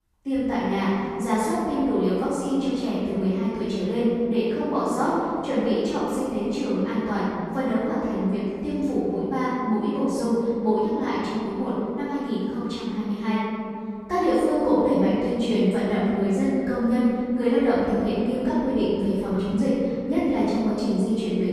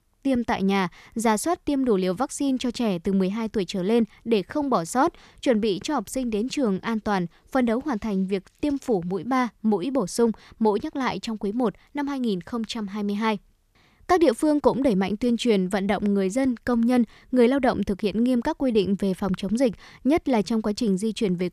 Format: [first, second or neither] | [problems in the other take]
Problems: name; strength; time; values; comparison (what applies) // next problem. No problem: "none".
second | off-mic speech; far // room echo; strong; dies away in 2.6 s